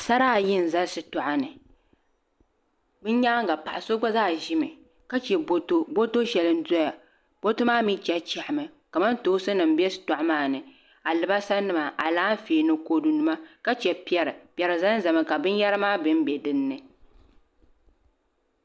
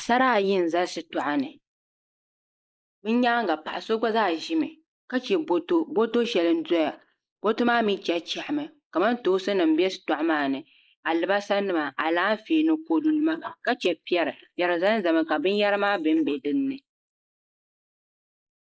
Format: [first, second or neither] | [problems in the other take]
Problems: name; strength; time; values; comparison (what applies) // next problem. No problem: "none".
first | noise reduction (neural mask model Resemble Enhance denoiser)